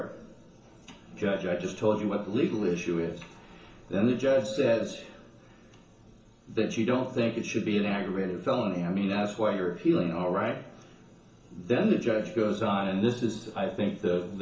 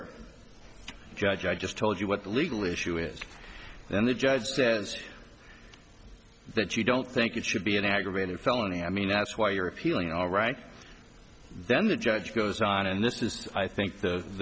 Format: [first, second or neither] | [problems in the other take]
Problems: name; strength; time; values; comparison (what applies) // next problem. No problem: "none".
second | room echo; dies away in 0.7 s